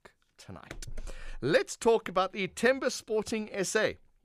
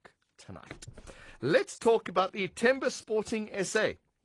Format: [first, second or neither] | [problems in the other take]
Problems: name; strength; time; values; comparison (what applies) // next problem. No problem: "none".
first | garbled, watery; slightly; nothing above 10.5 kHz